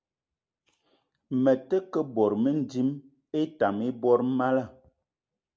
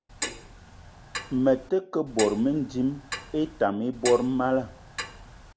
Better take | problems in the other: first | background sound (Clock); 11 dB below the speech

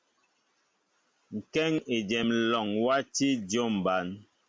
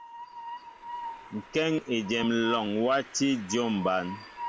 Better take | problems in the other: first | background sound (Train); 13 dB below the speech

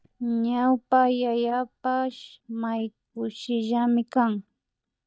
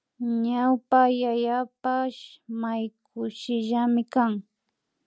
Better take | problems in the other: second | noise reduction (neural mask model DeepFilterNet 3)

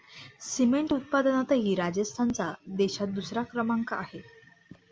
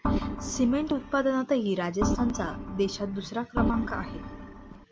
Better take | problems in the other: first | background sound (Organ); 2 dB below the speech

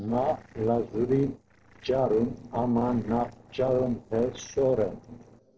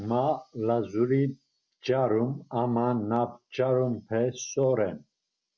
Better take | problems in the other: second | noise reduction (neural separator model SepFormer DNS4)

